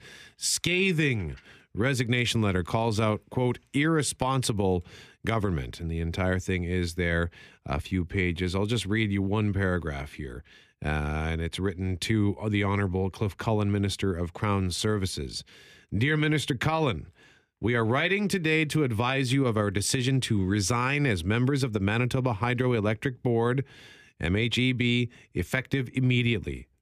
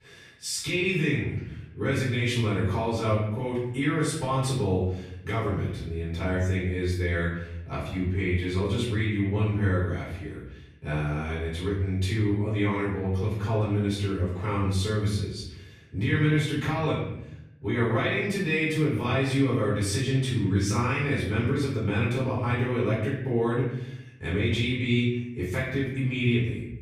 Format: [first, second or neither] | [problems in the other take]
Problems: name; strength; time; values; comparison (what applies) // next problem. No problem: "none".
first | off-mic speech; far // room echo; noticeable; dies away in 0.8 s